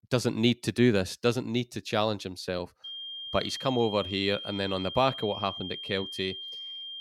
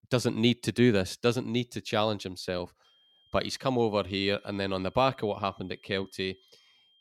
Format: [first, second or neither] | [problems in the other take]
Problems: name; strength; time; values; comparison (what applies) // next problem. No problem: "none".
second | high-pitched whine; loud; from 3 s on; 3 kHz, 8 dB below the speech; faint in the second